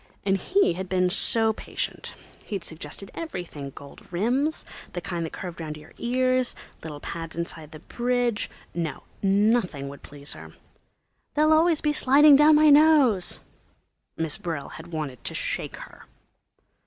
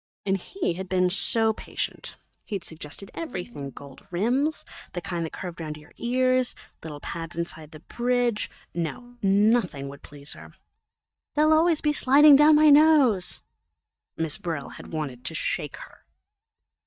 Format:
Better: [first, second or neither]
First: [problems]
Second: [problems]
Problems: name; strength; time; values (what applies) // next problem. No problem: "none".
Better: first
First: none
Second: noise reduction (neural mask model DeepFilterNet 3)